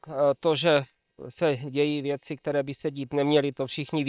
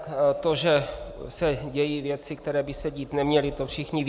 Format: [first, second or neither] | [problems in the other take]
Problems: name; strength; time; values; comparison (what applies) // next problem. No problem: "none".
second | noise reduction (neural separator model SepFormer WHAM!)